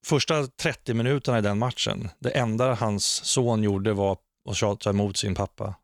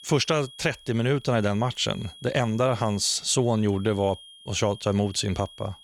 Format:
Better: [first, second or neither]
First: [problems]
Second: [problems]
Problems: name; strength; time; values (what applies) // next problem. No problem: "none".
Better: first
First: none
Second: high-pitched whine; faint; throughout; 3.5 kHz, 20 dB below the speech